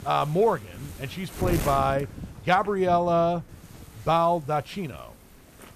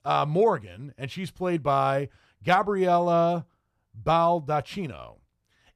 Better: second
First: wind noise on the microphone; occasional gusts; 20 dB below the speech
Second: none

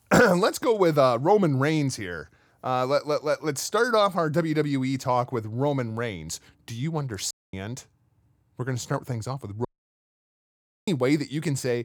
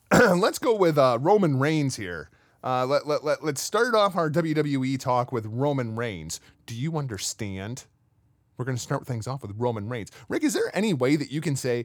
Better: second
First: audio cutting out; at 7.5 s and at 9.5 s for 1 s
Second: none

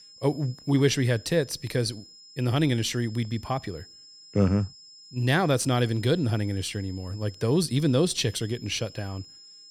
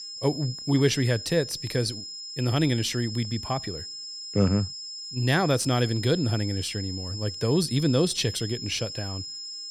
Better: first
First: high-pitched whine; faint; throughout; 5 kHz, 20 dB below the speech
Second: high-pitched whine; loud; throughout; 5 kHz, 8 dB below the speech

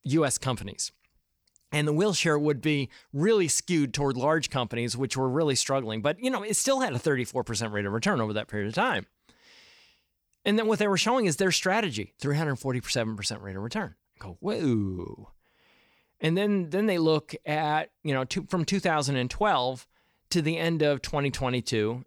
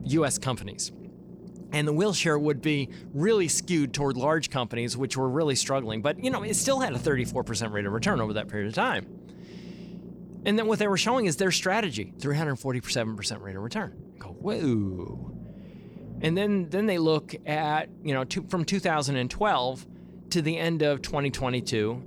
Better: first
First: none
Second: low rumble; faint; throughout; 20 dB below the speech

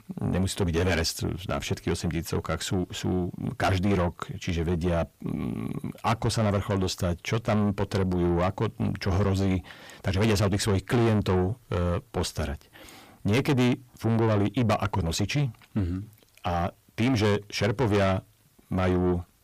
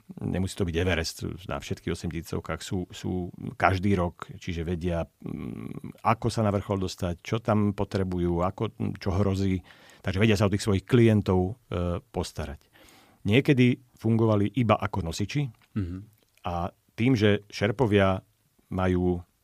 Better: second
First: distortion; heavy; 6 dB below the speech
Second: none

